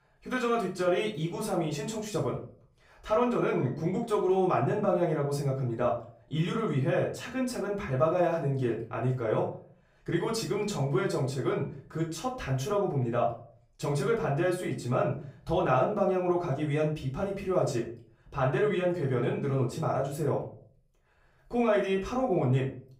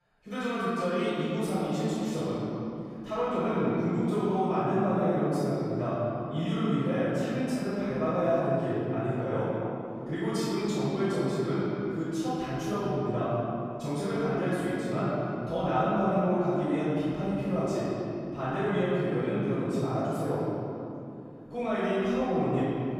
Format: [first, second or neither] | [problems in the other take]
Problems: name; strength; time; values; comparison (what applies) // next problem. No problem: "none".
first | room echo; strong; dies away in 2.8 s; slight in the first // off-mic speech; far; far in the first